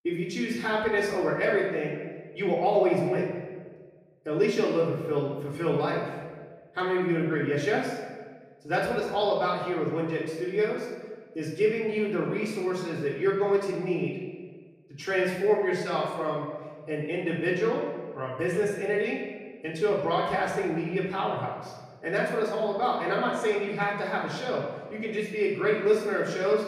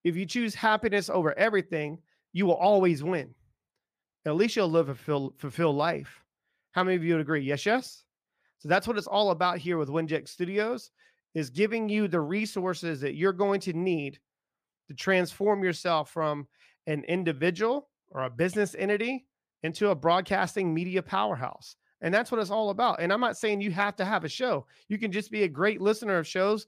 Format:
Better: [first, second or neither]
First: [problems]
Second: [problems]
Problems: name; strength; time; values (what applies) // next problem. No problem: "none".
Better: second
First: room echo; noticeable; dies away in 1.2 s // off-mic speech; far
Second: none